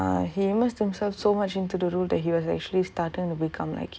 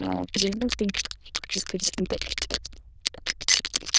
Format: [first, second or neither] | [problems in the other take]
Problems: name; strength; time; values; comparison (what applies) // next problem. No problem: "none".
first | noise reduction (neural diffusion model UNIVERSE++)